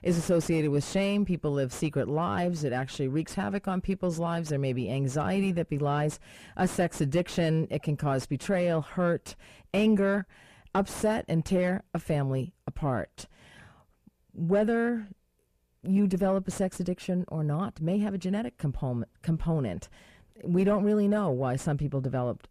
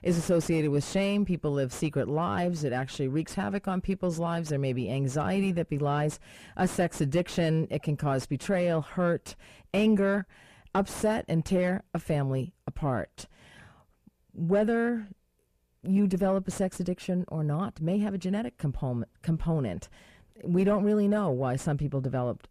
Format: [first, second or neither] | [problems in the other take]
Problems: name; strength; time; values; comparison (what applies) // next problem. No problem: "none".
neither | distortion; slight; 10 dB below the speech; the same in both